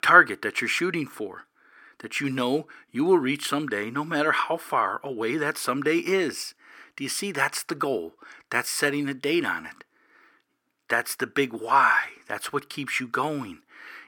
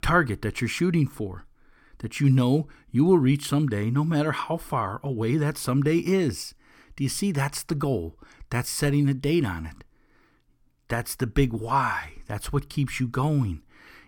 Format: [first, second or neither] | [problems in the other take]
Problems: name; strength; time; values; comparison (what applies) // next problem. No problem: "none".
second | thin; somewhat; fading below 400 Hz